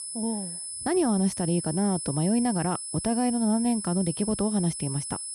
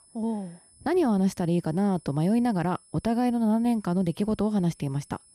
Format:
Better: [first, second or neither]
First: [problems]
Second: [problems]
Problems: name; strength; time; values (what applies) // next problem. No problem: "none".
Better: second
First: high-pitched whine; loud; throughout; 10 kHz, 6 dB below the speech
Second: high-pitched whine; faint; throughout; 10 kHz, 30 dB below the speech